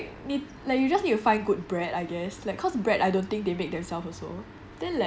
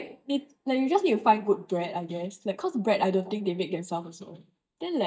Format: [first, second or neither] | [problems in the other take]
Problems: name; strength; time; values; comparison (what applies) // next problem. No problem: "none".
first | noise reduction (neural mask model DeepFilterNet 3)